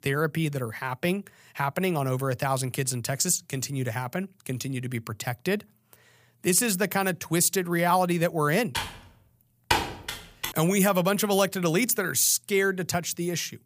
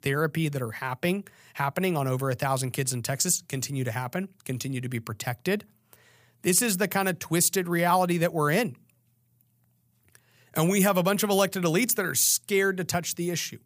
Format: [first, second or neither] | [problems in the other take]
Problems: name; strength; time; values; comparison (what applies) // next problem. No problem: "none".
second | keyboard typing; noticeable; from 9 to 10 s; peak level with the speech